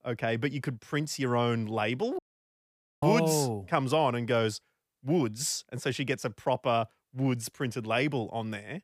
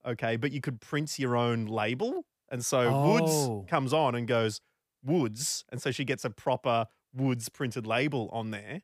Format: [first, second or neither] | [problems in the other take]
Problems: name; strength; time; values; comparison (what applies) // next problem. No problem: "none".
second | audio cutting out; at 2 s for 1 s